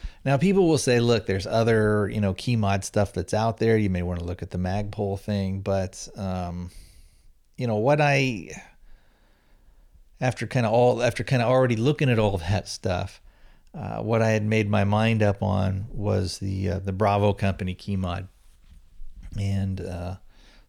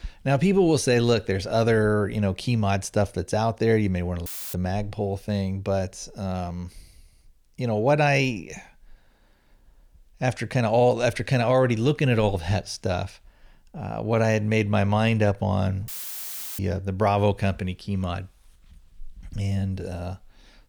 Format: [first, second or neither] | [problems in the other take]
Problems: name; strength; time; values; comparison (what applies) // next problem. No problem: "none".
first | audio cutting out; filled with static; at 4.5 s and at 16 s for 0.5 s